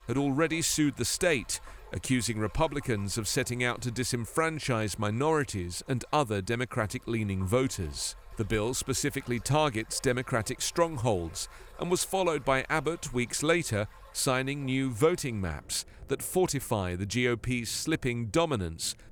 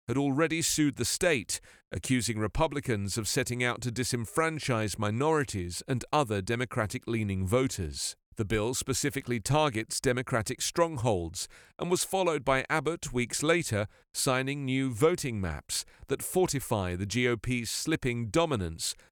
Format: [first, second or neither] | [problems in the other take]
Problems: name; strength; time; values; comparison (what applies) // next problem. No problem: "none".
second | rain or running water; faint; throughout; 25 dB below the speech